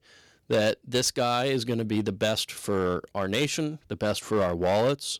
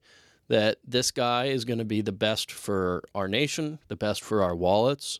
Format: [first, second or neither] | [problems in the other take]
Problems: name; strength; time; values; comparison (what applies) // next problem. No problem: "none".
second | distortion; slight; 5% of the sound clipped